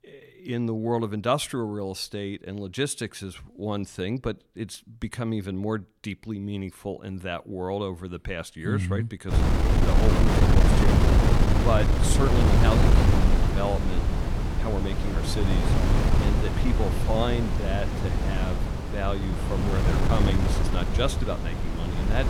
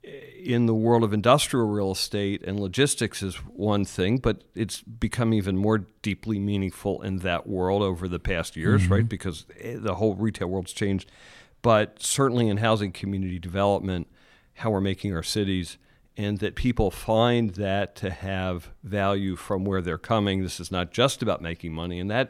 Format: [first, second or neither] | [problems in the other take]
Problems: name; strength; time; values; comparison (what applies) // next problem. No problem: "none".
second | wind noise on the microphone; heavy; from 9.5 s on; 1 dB above the speech